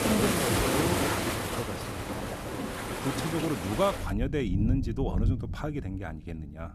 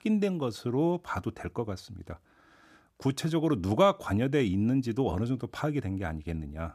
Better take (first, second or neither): second